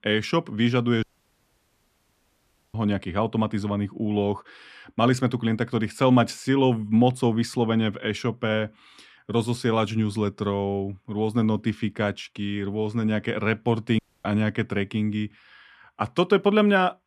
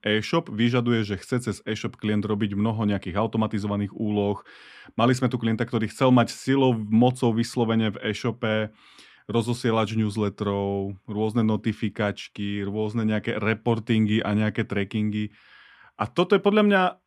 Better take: second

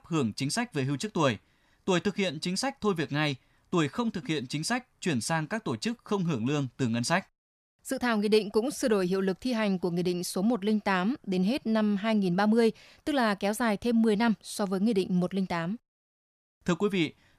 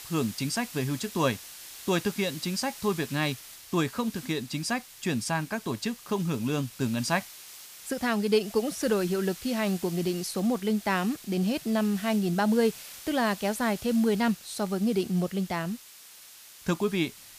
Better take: first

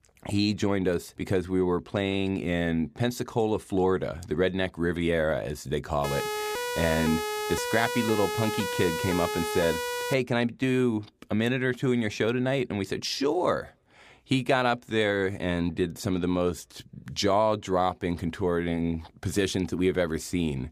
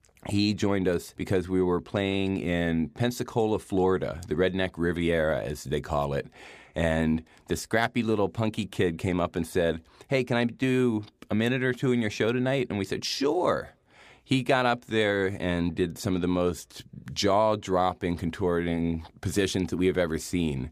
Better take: second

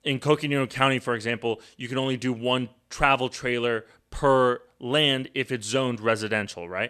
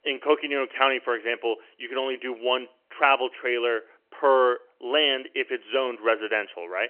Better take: first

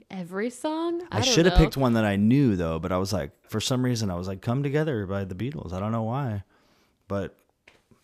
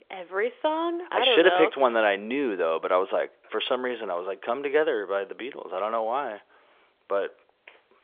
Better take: first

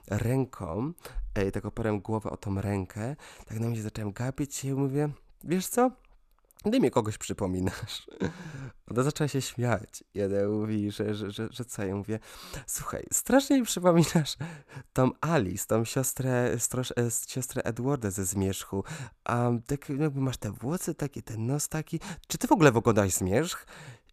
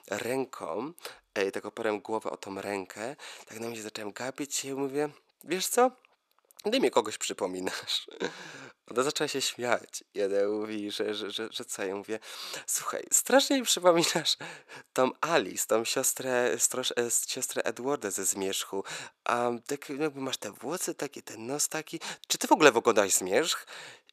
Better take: first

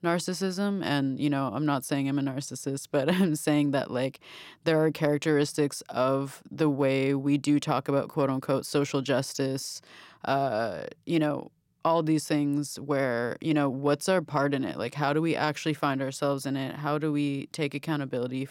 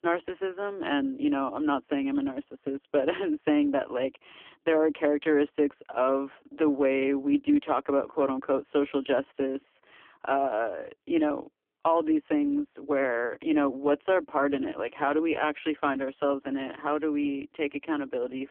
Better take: first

